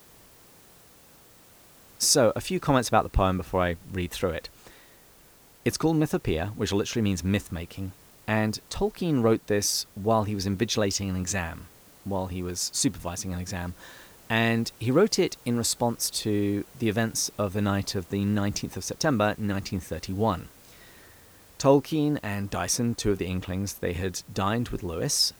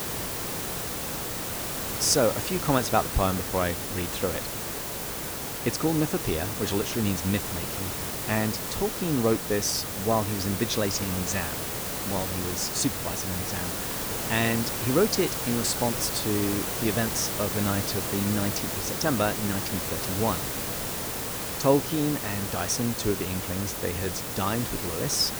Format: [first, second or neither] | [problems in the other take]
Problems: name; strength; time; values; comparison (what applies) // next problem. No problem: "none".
first | hiss; loud; throughout; 2 dB below the speech; faint in the first